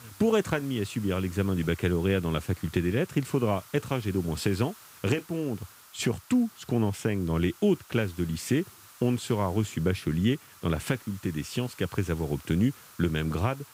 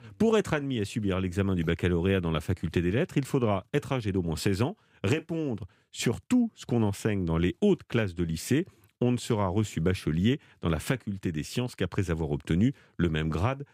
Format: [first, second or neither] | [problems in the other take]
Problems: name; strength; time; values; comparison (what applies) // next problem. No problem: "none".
second | hiss; faint; throughout; 20 dB below the speech